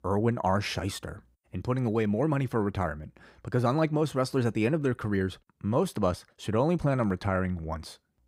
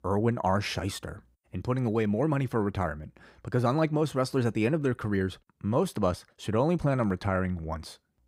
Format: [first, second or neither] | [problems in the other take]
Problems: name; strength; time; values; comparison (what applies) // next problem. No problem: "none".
neither | none